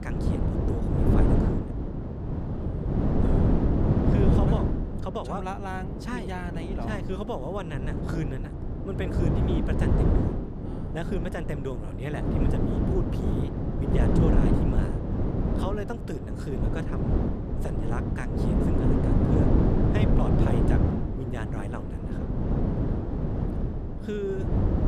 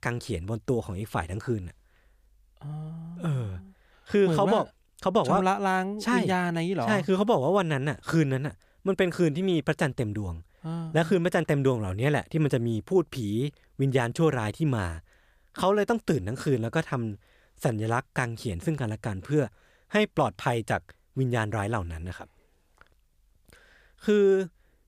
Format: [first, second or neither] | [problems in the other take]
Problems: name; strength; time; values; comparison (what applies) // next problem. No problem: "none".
second | wind noise on the microphone; heavy; 3 dB above the speech